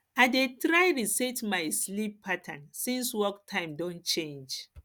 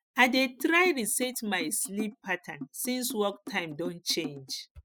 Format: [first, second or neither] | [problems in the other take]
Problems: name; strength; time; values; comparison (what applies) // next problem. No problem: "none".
first | noise reduction (classical method spectral subtraction)